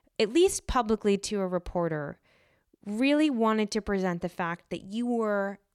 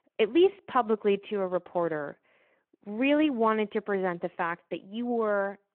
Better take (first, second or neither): first